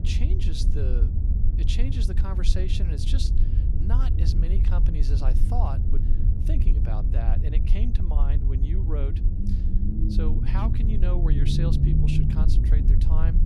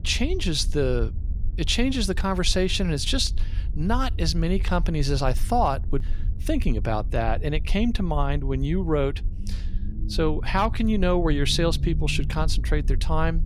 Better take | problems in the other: second | low rumble; loud; throughout; 1 dB below the speech; faint in the second

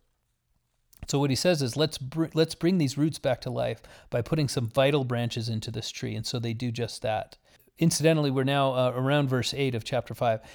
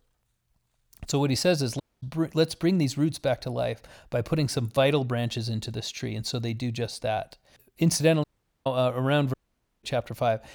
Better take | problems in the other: first | audio cutting out; at 2 s, at 8 s and at 9.5 s

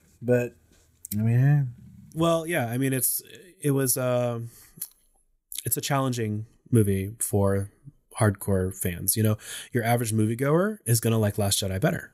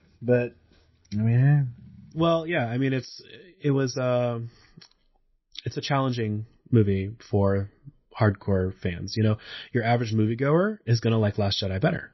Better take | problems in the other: first | garbled, watery; slightly; nothing above 5.5 kHz

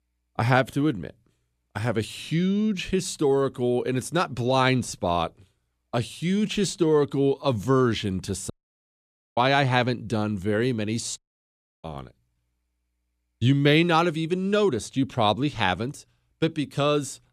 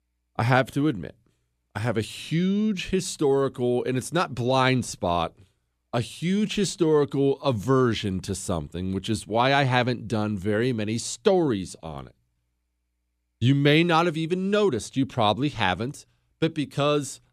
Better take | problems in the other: second | audio cutting out; at 8.5 s for 1 s and at 11 s for 0.5 s

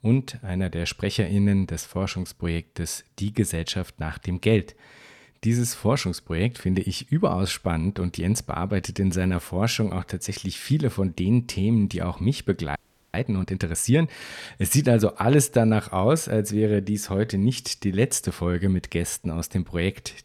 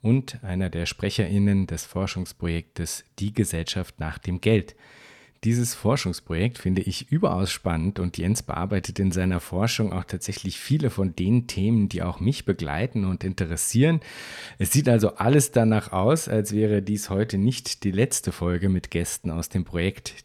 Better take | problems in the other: second | audio freezing; at 13 s

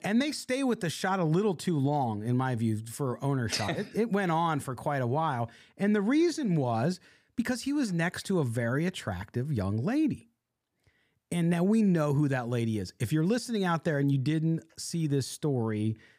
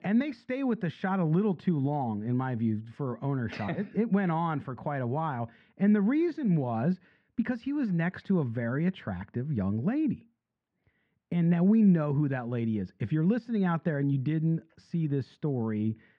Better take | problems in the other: first | muffled; very; fading above 2.5 kHz

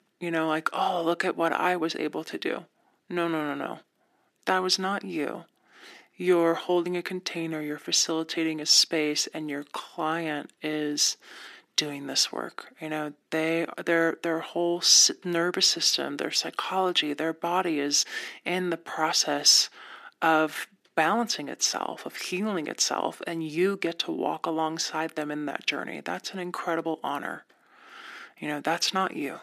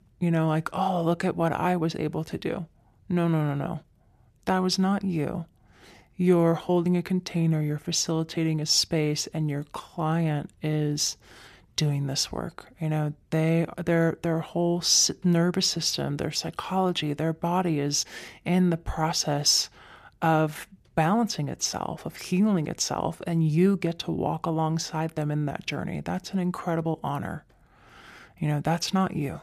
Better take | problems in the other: second | thin; somewhat; fading below 250 Hz

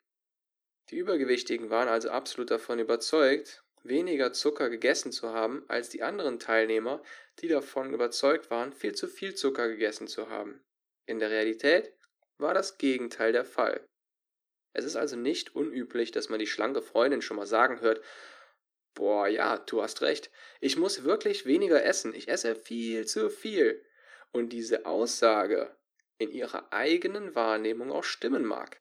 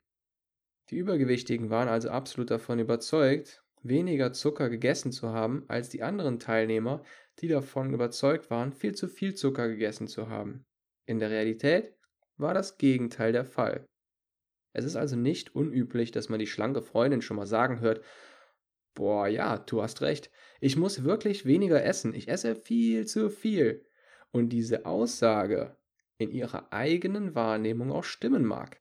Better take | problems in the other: second | thin; somewhat; fading below 350 Hz

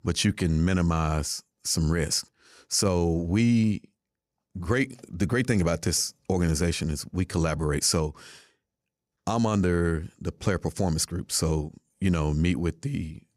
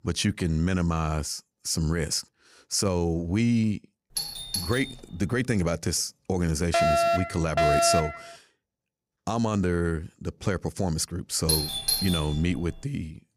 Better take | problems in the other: first | doorbell; noticeable; at 4 s; peak 2 dB below the speech // alarm; loud; from 6.5 to 8 s; peak 6 dB above the speech // doorbell; loud; from 11 to 13 s; peak 3 dB above the speech

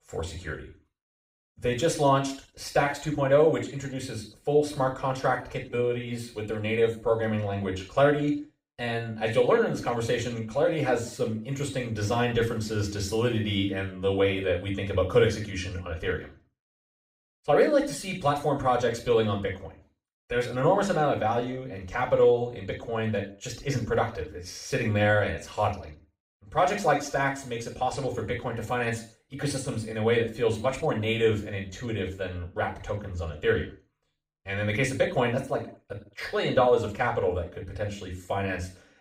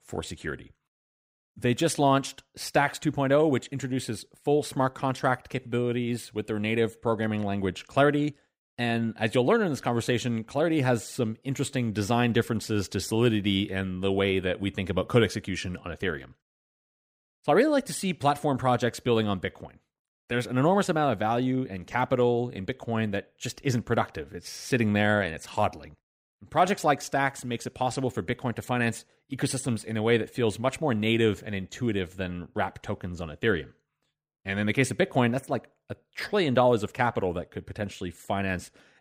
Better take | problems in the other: second | room echo; slight; dies away in 0.4 s // off-mic speech; far

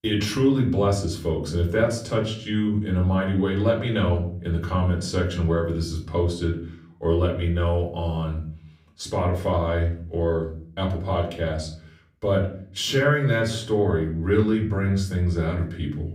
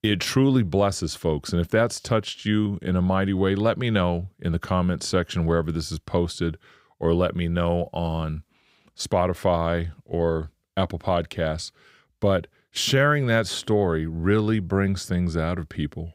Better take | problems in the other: second | room echo; slight; dies away in 0.5 s // off-mic speech; far

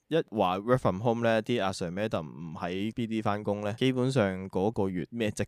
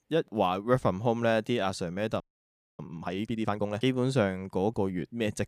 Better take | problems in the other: first | audio freezing; at 2 s for 0.5 s

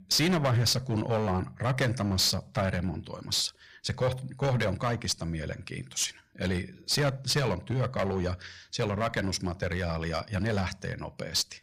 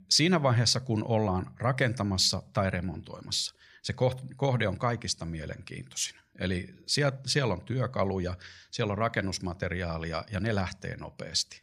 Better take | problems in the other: second | distortion; heavy; 8% of the sound clipped

